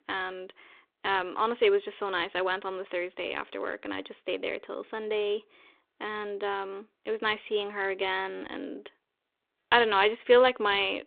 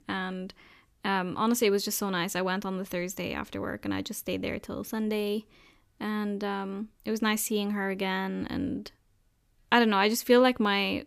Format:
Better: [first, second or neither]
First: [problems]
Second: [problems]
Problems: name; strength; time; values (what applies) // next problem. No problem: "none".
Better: second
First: phone-call audio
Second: none